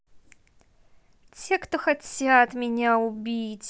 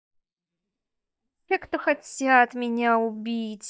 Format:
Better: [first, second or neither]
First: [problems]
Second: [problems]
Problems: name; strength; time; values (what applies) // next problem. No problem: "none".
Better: first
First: none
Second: noise reduction (neural mask model DeepFilterNet 3)